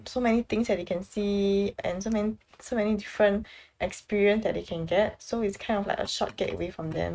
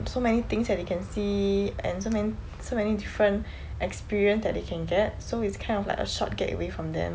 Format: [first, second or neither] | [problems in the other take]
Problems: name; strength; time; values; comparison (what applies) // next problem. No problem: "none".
second | noise reduction (neural mask model RNNoise)